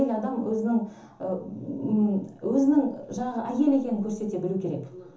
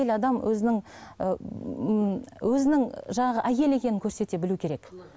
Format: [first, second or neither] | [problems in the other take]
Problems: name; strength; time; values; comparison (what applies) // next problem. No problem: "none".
second | room echo; dies away in 0.7 s